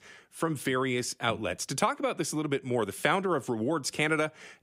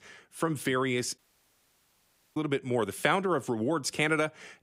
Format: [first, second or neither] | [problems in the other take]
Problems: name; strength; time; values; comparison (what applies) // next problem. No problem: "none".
first | audio cutting out; at 1 s for 1 s